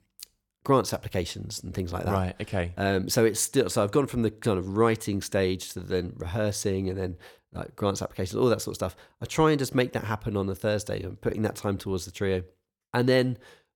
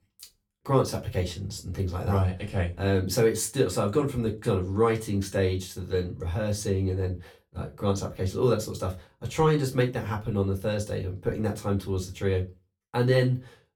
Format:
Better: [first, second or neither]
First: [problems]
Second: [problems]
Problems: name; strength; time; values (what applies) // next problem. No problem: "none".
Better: first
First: none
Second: off-mic speech; far // room echo; very slight; dies away in 0.2 s